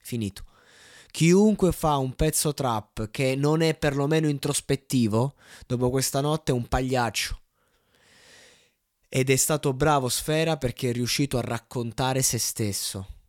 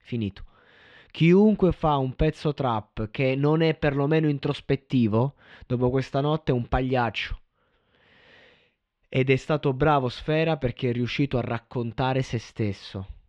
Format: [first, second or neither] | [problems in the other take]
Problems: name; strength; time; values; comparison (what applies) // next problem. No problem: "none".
first | muffled; very; fading above 3 kHz